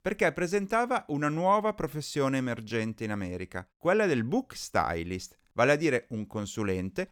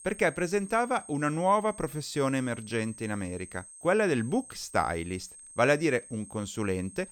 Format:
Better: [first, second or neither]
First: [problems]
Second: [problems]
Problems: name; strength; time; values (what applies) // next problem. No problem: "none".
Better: first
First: none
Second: high-pitched whine; noticeable; throughout; 8.5 kHz, 15 dB below the speech